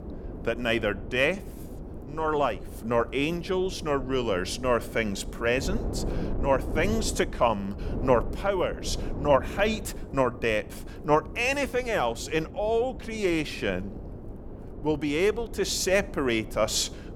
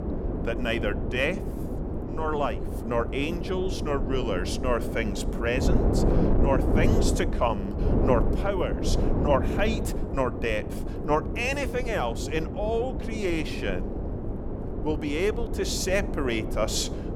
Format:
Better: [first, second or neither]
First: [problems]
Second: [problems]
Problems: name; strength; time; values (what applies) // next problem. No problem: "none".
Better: first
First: wind noise on the microphone; occasional gusts; 15 dB below the speech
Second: wind noise on the microphone; heavy; 6 dB below the speech